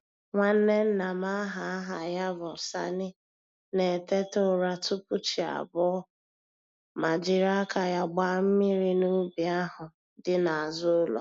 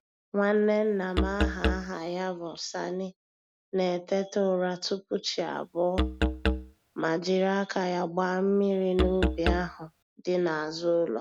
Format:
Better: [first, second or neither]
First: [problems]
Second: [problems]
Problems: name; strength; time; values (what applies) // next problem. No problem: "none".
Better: first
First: none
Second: background sound (Musical instrument); 2 dB below the speech